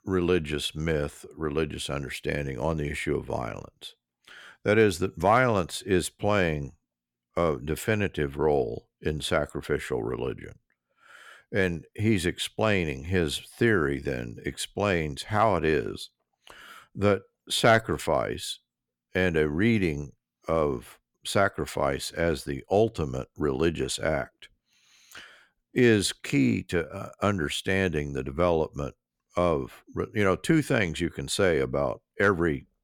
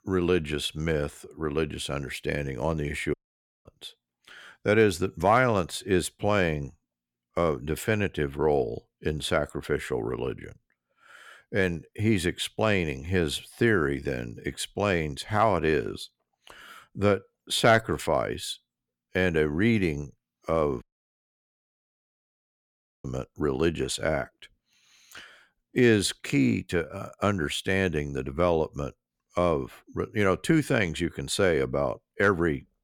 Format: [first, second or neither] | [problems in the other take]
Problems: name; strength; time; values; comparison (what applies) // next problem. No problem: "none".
first | audio cutting out; at 3 s for 0.5 s and at 21 s for 2 s